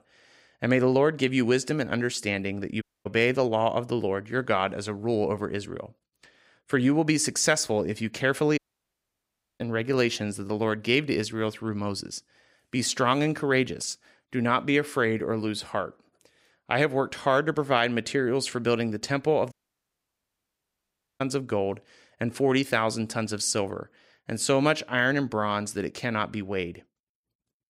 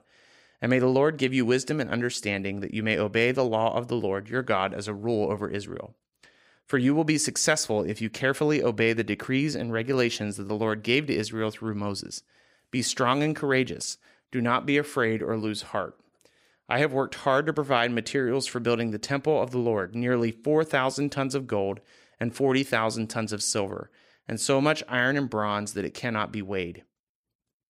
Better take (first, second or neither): second